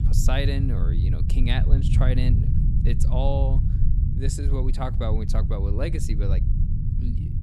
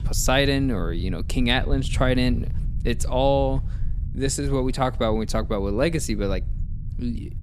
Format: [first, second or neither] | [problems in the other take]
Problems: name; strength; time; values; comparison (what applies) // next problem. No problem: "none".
second | low rumble; loud; throughout; 5 dB below the speech; faint in the second